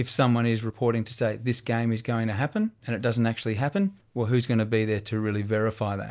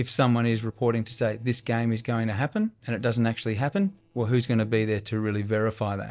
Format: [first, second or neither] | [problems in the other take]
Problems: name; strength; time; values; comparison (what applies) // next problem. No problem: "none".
first | noise reduction (neural separator model SepFormer DNS4)